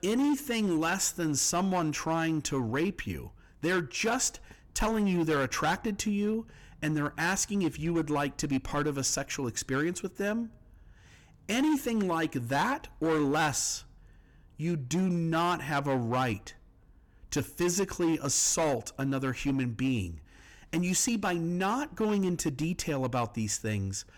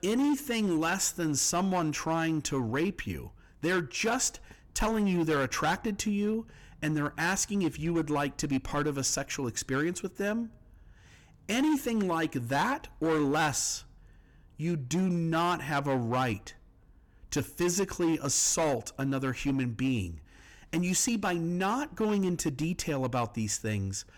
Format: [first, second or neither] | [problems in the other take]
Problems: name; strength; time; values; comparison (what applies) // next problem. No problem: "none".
neither | distortion; slight; 9% of the sound clipped; the same in both